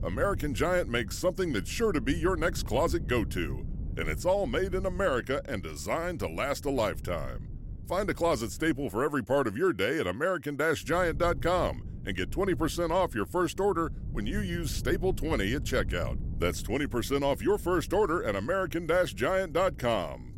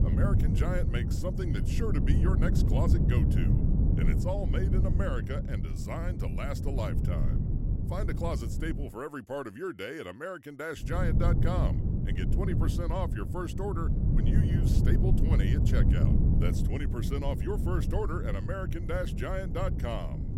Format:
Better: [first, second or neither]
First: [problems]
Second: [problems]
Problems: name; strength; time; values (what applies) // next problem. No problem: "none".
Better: first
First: wind noise on the microphone; occasional gusts; until 9 s and from 11 s on; 25 dB below the speech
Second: wind noise on the microphone; heavy; until 9 s and from 11 s on; 3 dB below the speech